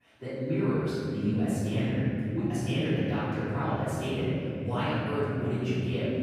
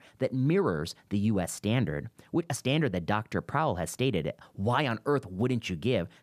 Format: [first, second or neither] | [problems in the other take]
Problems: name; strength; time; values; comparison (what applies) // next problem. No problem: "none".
second | off-mic speech; far // room echo; strong; dies away in 3 s